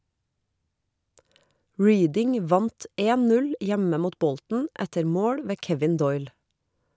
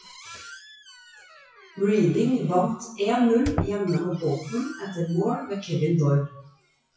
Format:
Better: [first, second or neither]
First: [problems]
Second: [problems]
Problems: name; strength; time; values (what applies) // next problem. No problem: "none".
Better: first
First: none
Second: noise reduction (classical method WPE with log-MMSE)